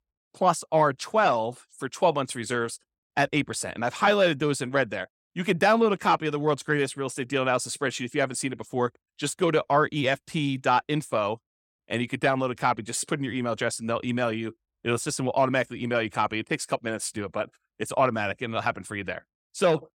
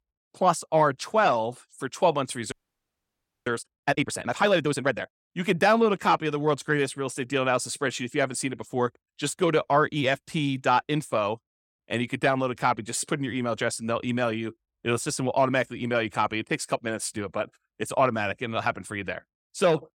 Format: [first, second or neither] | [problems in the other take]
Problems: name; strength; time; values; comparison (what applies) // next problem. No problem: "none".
first | audio freezing; at 2.5 s for 1 s